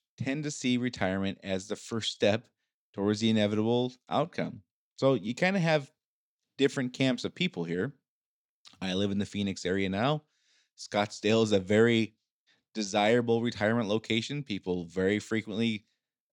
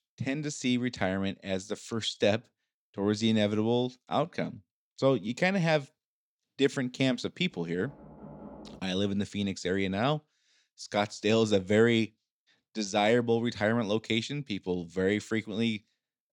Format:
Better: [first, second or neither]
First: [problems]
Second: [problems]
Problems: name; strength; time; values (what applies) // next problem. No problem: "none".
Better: first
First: none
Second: door banging; faint; from 7.5 to 9 s; peak 15 dB below the speech